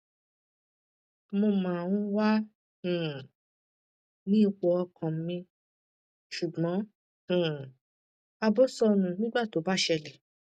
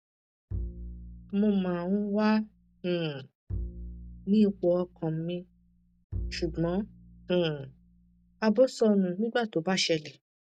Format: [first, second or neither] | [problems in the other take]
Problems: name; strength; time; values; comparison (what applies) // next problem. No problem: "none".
first | background sound (Bowed string instrument); 12 dB below the speech